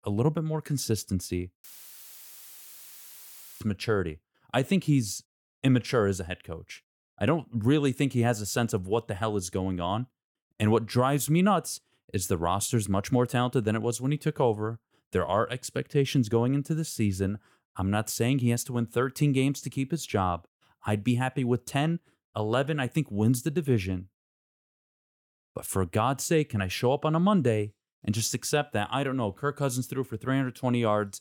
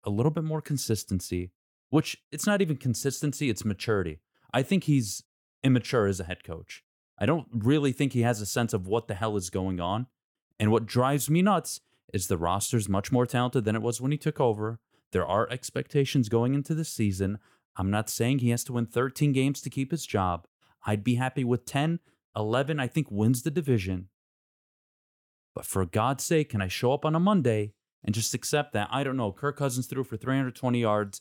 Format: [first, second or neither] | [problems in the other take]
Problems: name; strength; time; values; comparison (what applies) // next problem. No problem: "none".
second | audio cutting out; filled with static; at 1.5 s for 2 s